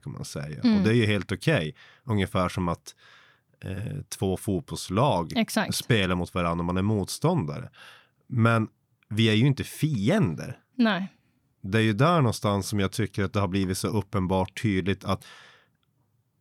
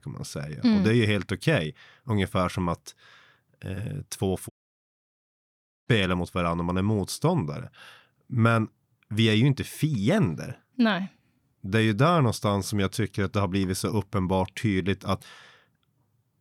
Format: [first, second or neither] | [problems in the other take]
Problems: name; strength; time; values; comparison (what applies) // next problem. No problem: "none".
first | audio cutting out; at 4.5 s for 1.5 s